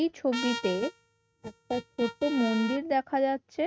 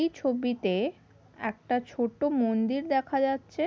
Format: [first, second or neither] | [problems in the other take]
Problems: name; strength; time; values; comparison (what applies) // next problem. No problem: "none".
second | noise reduction (neural mask model RNNoise)